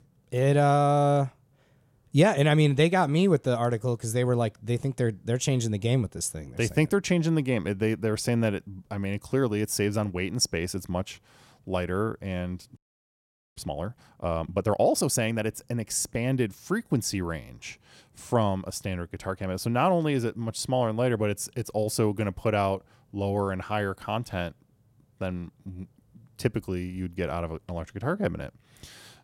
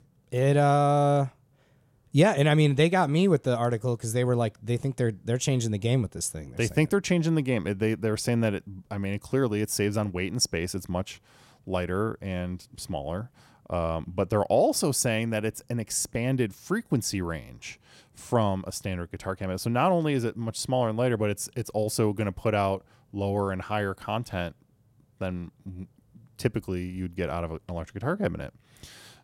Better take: second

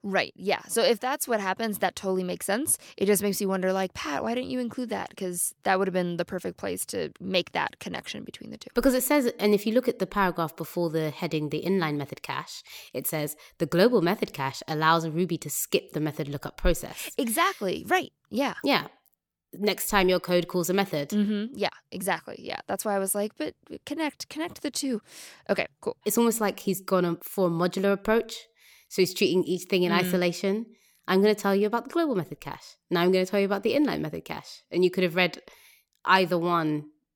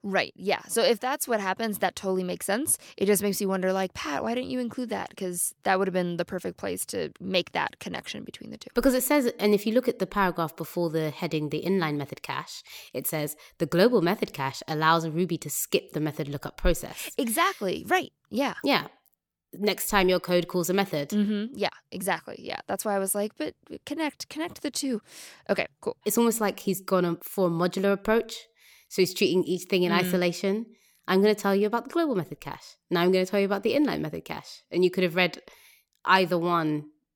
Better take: neither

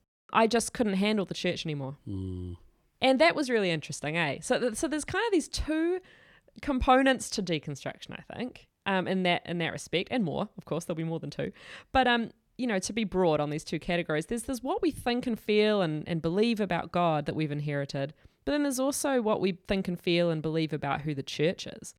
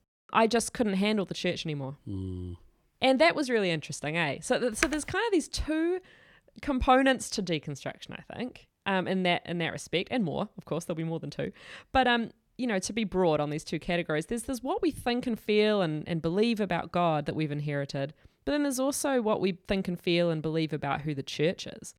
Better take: first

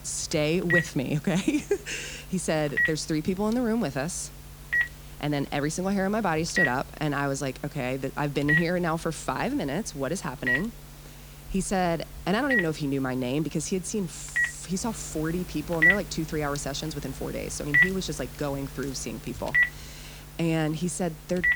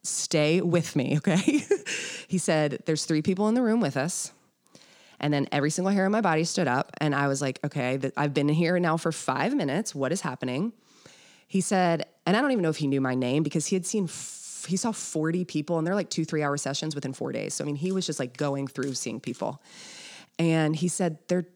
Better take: second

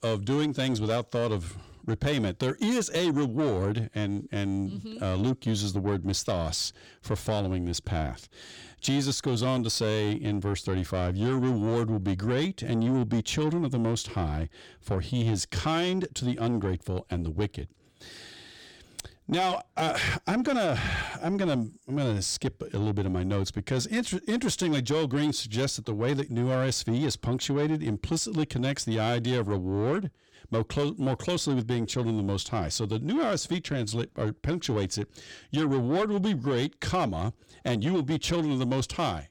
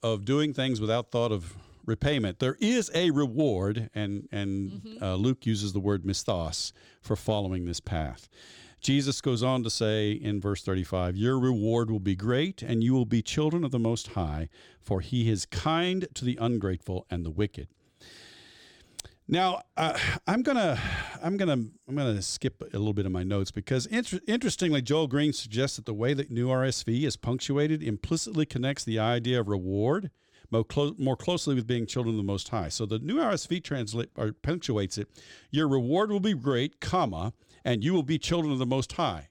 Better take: second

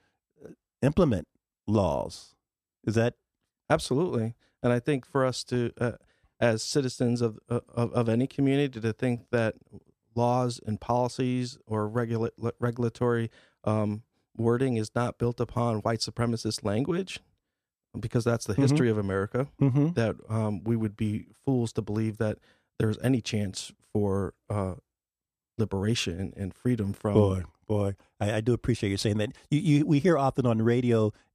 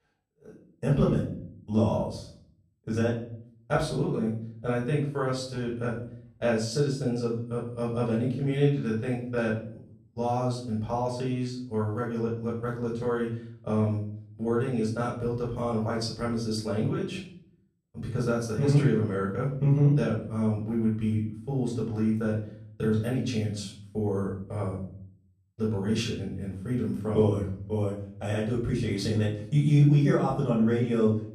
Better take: first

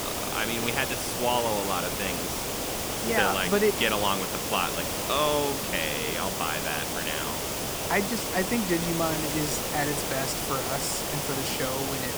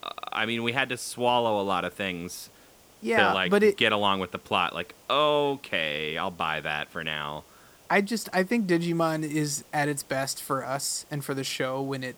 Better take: second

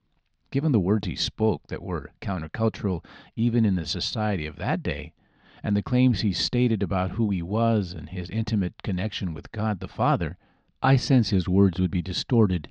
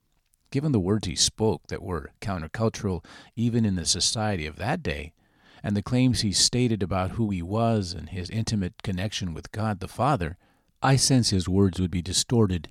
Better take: second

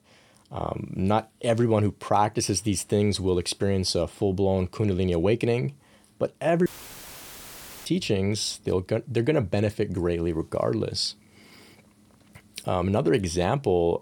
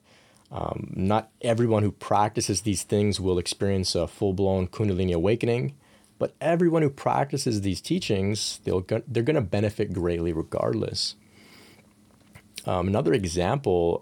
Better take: second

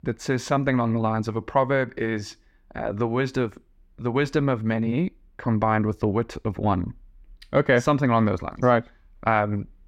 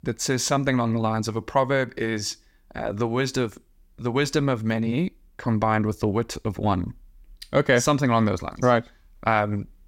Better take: second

